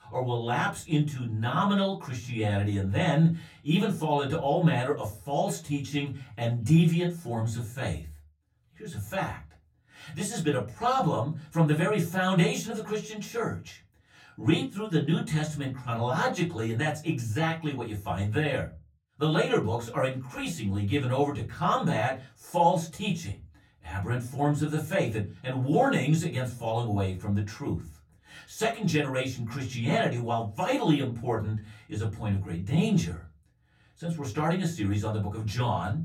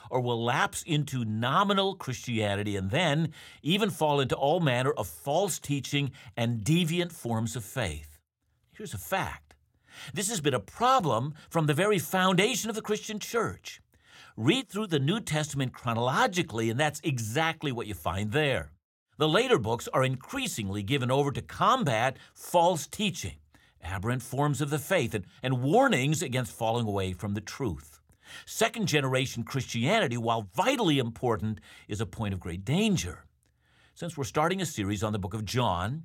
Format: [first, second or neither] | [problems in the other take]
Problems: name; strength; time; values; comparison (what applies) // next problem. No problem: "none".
second | off-mic speech; far // room echo; very slight; dies away in 0.3 s